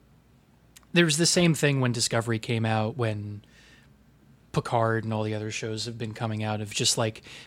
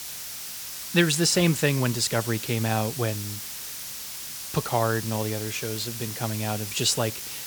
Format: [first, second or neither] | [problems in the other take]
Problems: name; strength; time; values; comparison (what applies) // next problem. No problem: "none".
first | hiss; loud; throughout; 7 dB below the speech